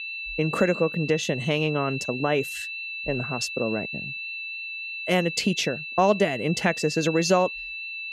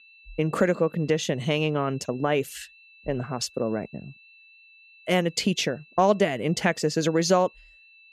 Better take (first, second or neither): second